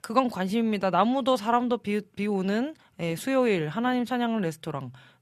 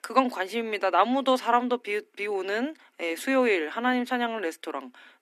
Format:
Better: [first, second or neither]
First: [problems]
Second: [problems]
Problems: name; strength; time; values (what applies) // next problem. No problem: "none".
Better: first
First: none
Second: thin; very slightly; fading below 250 Hz